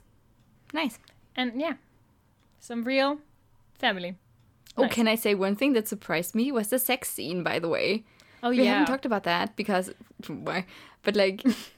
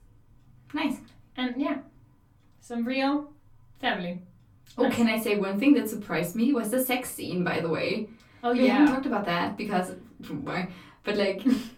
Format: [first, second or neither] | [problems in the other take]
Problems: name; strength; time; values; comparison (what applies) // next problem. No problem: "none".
first | off-mic speech; far // room echo; very slight; dies away in 0.3 s